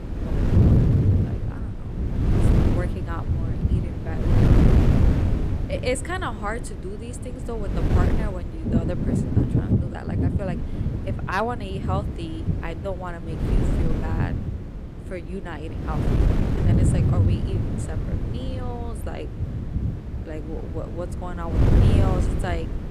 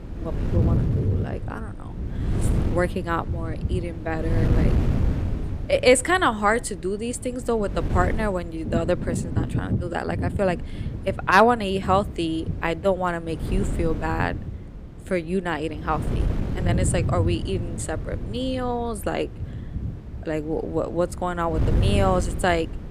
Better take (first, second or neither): second